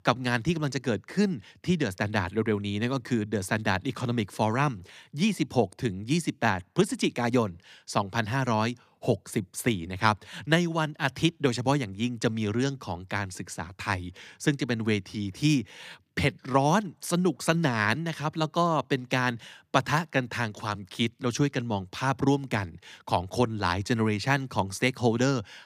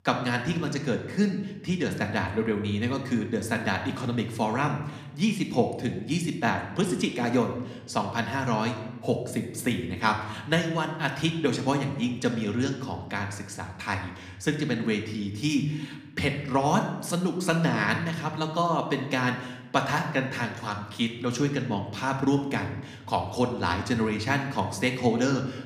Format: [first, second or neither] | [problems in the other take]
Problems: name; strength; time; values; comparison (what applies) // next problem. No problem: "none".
first | room echo; slight; dies away in 0.8 s